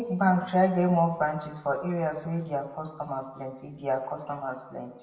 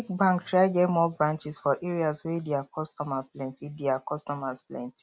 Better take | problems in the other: second | room echo; dies away in 1.1 s

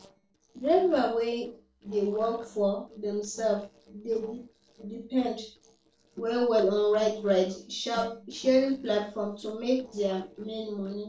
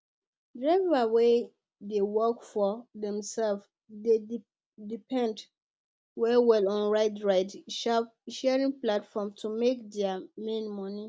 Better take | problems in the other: second | noise reduction (neural separator model SepFormer DNS4)

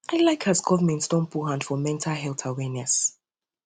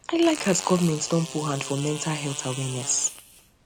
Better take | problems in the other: first | background sound (Fart); 12 dB below the speech

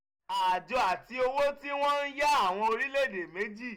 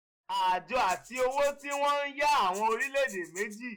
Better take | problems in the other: first | noise reduction (classical method log-MMSE)

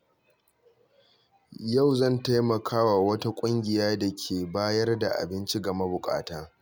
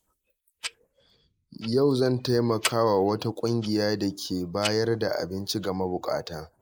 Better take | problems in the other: first | noise reduction (neural mask model Resemble Enhance denoiser)

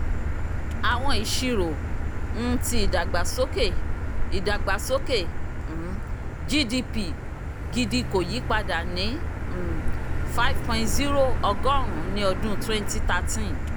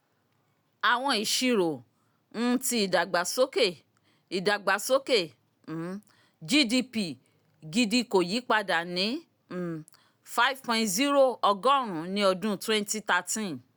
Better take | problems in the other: second | background sound (Motor vehicle (road)); 3 dB above the speech

